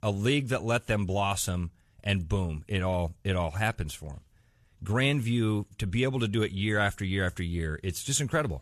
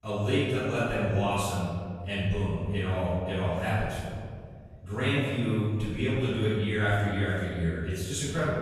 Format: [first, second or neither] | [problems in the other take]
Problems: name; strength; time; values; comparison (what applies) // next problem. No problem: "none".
first | off-mic speech; far // room echo; strong; dies away in 1.8 s